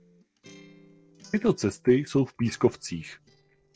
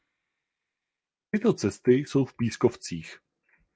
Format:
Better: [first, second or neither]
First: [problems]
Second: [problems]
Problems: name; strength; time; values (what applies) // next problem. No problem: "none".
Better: second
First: noise reduction (neural separator model SepFormer DNS4)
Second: none